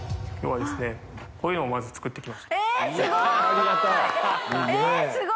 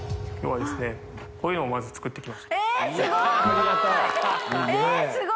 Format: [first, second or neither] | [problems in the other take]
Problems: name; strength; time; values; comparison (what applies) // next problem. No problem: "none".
first | background sound (Acoustic guitar + Crushing); 16 dB below the speech